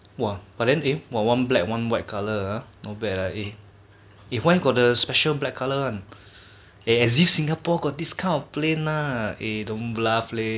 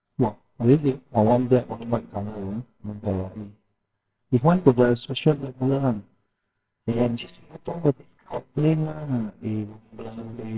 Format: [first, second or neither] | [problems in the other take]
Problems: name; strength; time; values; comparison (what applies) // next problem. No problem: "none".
first | noise reduction (neural separator model SepFormer WHAMR!)